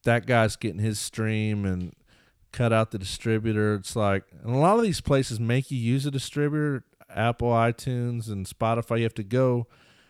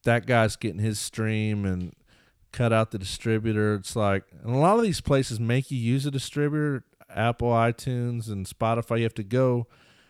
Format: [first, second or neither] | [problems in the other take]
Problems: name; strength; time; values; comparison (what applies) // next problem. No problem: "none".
neither | none